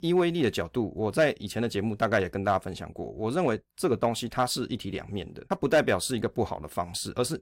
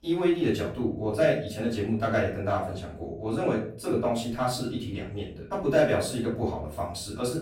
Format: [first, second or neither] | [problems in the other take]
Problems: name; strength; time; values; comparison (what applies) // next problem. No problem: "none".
first | off-mic speech; far // room echo; noticeable; dies away in 0.5 s